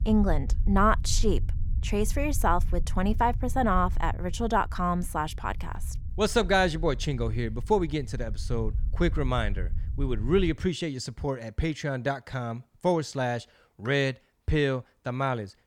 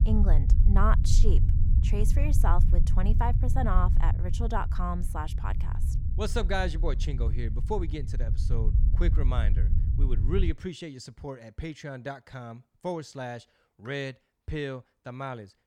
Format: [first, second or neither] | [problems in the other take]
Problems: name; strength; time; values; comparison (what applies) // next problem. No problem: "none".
first | low rumble; loud; until 11 s; 9 dB below the speech; faint in the first